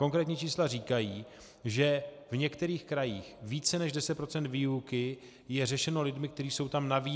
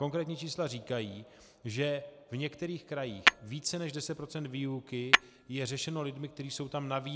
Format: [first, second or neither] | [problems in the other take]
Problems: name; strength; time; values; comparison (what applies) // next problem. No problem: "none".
first | background sound (Tap / Hammer); 2 dB above the speech